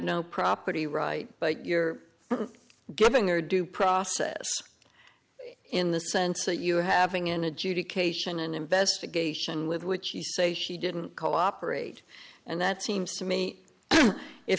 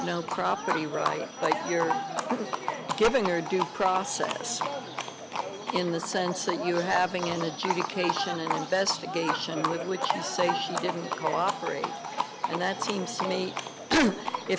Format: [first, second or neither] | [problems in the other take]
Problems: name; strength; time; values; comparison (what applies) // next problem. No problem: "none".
first | background sound (Livestock, farm animals, working animals); 3 dB below the speech